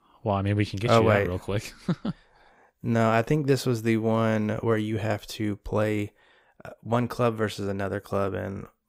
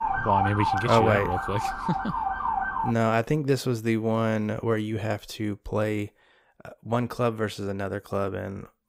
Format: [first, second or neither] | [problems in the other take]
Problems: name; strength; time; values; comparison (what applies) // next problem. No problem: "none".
first | siren; loud; until 3 s; peak 2 dB above the speech